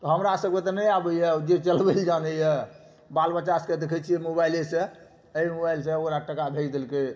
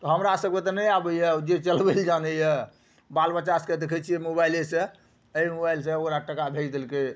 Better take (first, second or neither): second